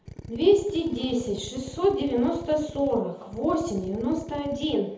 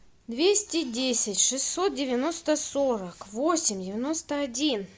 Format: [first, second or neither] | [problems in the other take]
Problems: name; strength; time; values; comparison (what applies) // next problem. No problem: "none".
second | background sound (Drill); 15 dB below the speech // room echo; dies away in 0.7 s